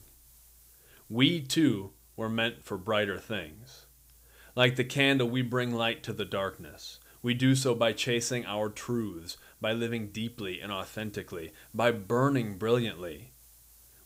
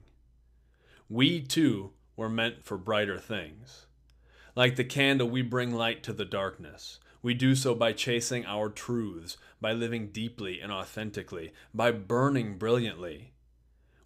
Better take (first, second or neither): second